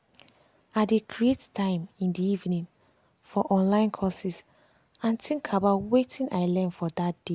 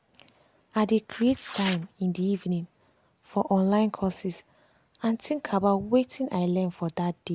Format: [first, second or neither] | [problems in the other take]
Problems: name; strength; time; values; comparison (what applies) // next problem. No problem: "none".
first | background sound (Tearing); 13 dB below the speech